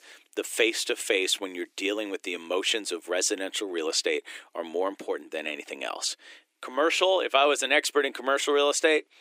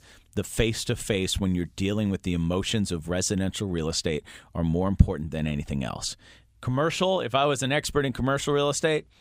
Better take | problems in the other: second | thin; very; fading below 300 Hz

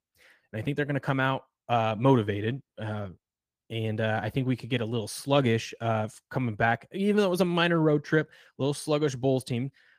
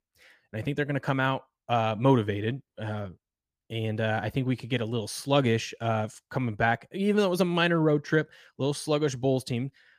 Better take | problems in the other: second | garbled, watery; slightly; nothing above 15 kHz

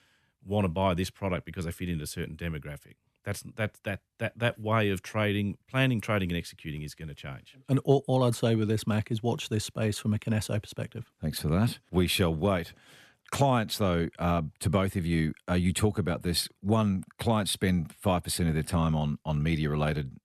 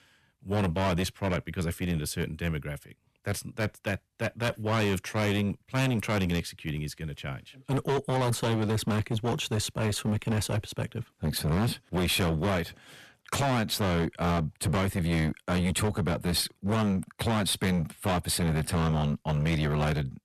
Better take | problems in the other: first | distortion; heavy; 17% of the sound clipped

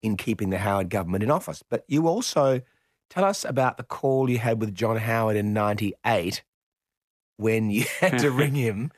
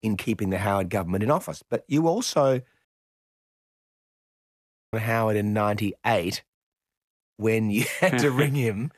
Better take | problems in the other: first | audio cutting out; at 3 s for 2 s

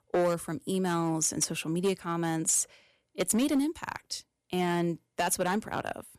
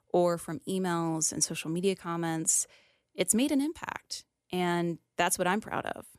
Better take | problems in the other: second | distortion; slight; 5% of the sound clipped

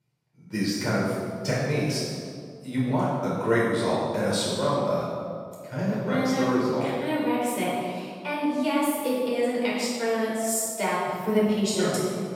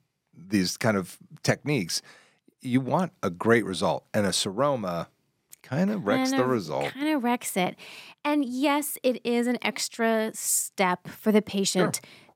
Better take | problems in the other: second | off-mic speech; far // room echo; strong; dies away in 1.7 s

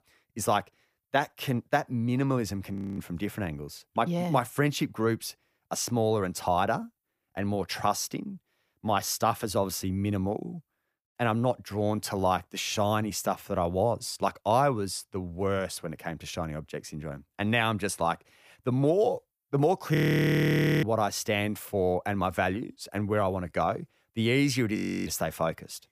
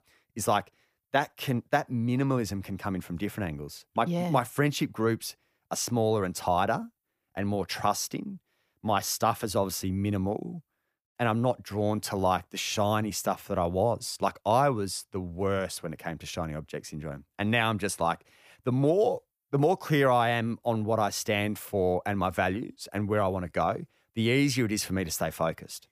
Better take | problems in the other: second | audio freezing; at 3 s, at 20 s for 1 s and at 25 s

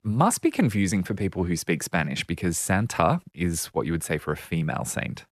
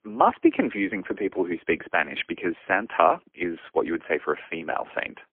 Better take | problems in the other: first | phone-call audio; poor line; nothing above 3.5 kHz

